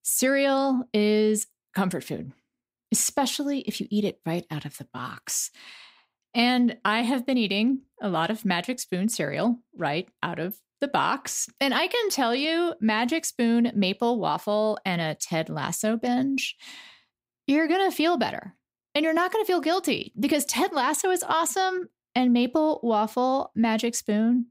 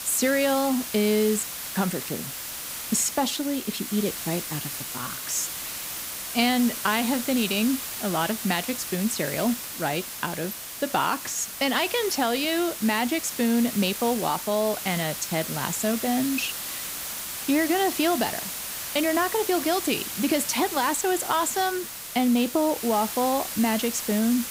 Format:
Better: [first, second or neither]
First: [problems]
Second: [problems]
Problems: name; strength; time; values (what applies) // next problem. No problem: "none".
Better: first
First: none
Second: hiss; loud; throughout; 6 dB below the speech